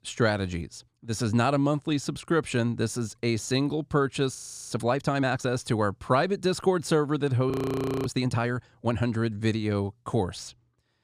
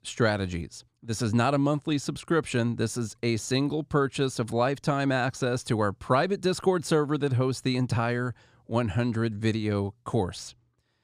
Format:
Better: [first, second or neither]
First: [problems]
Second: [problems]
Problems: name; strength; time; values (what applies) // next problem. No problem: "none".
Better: second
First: audio freezing; at 4.5 s and at 7.5 s for 0.5 s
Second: none